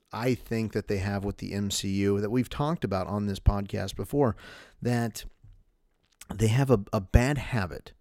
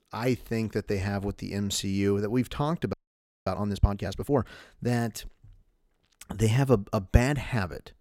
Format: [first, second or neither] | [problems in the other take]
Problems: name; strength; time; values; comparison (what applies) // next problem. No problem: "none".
first | audio freezing; at 3 s for 0.5 s